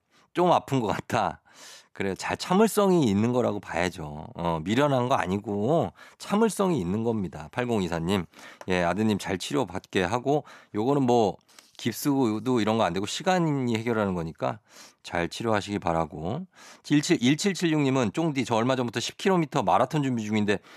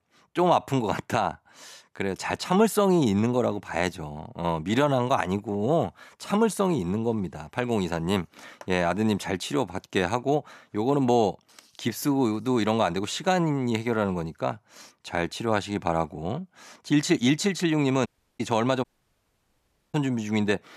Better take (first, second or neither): first